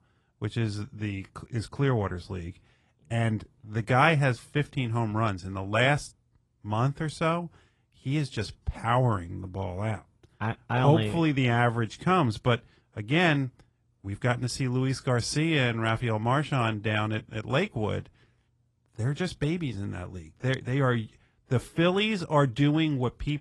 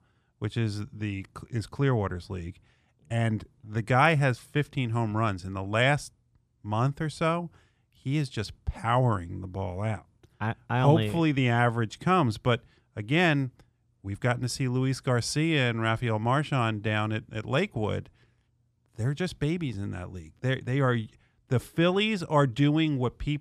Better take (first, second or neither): second